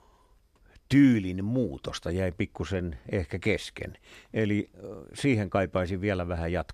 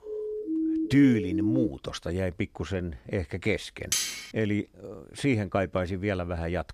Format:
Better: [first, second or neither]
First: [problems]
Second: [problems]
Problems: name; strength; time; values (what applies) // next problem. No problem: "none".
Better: first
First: none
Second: siren; loud; until 1.5 s; peak level with the speech // clattering dishes; loud; at 4 s; peak 1 dB above the speech